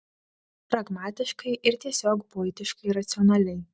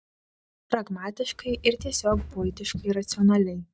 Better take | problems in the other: first | background sound (Run); 11 dB below the speech

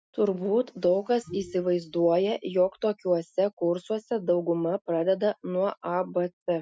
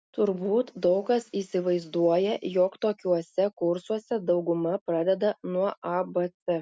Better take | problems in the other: second | noise reduction (classical method Wiener filter)

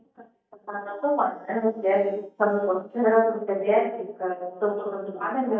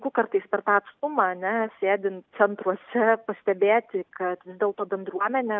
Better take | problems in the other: second | noise reduction (neural mask model DeepFilterNet 3)

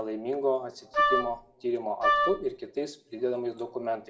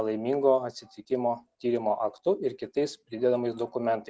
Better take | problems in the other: second | background sound (Wind instrument, woodwind instrument); 5 dB above the speech // room echo; dies away in 0.8 s

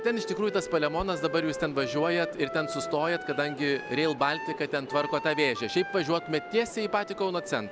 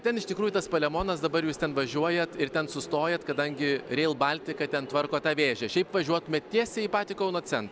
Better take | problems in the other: second | background sound (Wind instrument, woodwind instrument); 10 dB below the speech

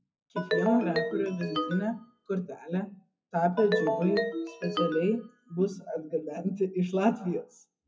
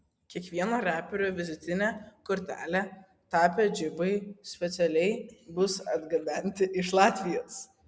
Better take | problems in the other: second | noise reduction (classical method WPE with log-MMSE)

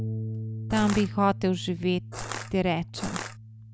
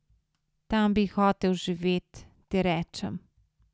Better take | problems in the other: second | background sound (Bass guitar + Crushing); 7 dB below the speech

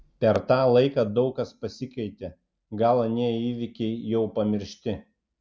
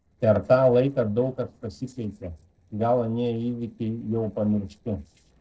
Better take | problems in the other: first | noise reduction (neural separator model SepFormer DNS4)

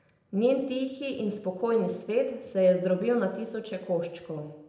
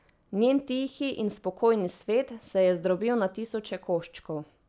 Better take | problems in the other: second | room echo; dies away in 0.7 s

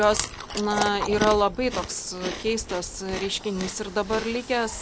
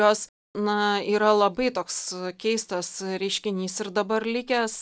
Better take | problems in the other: second | background sound (Chewing, mastication); 8 dB below the speech

